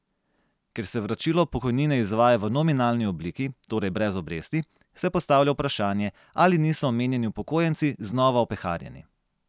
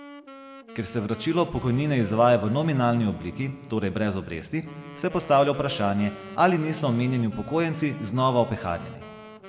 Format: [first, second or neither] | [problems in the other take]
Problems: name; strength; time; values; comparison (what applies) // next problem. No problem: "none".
first | background sound (Wind instrument, woodwind instrument); 18 dB below the speech // room echo; dies away in 1.6 s